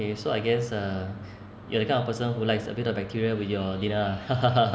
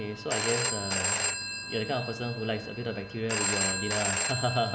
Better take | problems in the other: first | background sound (Telephone); 1 dB above the speech

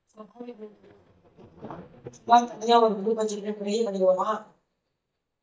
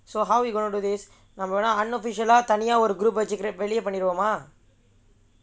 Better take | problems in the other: second | noise reduction (neural mask model DeepFilterNet 3)

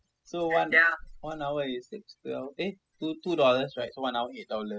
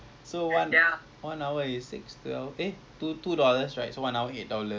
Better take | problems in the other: second | noise reduction (classical method spectral subtraction)

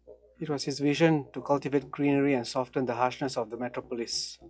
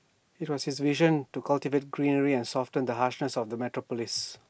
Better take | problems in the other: second | noise reduction (classical method log-MMSE)

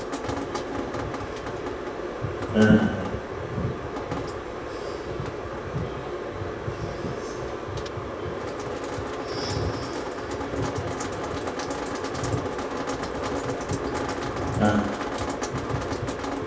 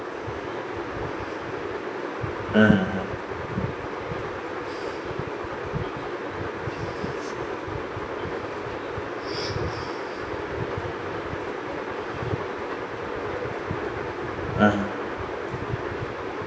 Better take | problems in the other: second | background sound (Drip); 7 dB below the speech // room echo; dies away in 0.7 s

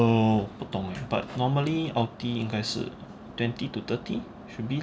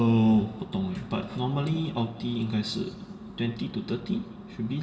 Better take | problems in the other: first | room echo; dies away in 1.3 s

